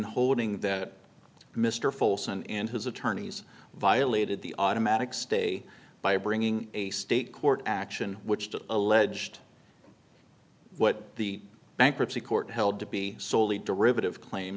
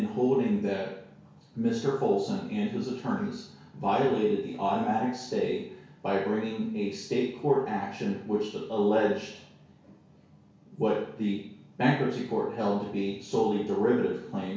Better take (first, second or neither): first